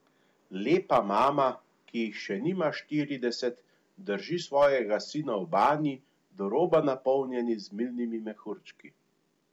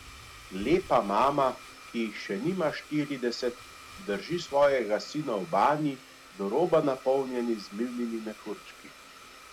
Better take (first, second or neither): first